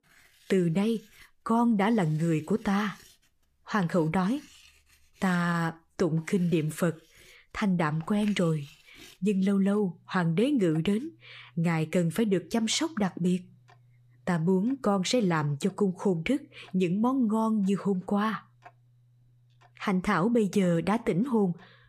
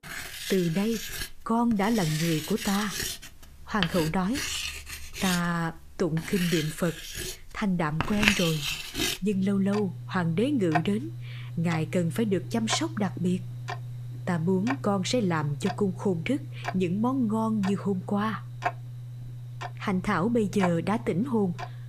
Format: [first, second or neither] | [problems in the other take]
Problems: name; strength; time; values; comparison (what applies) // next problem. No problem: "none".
first | household noises; loud; throughout; 6 dB below the speech; faint in the first